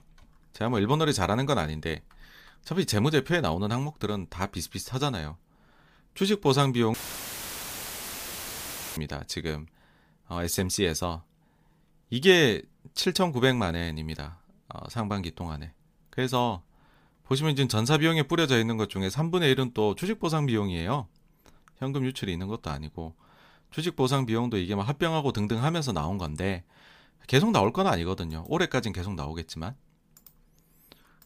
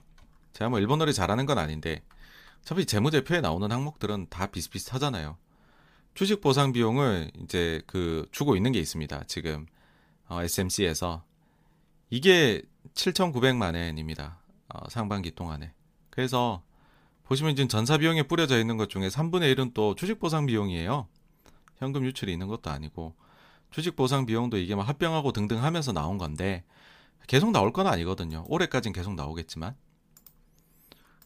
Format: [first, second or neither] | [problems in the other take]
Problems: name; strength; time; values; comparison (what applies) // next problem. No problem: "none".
second | audio cutting out; filled with static; at 7 s for 2 s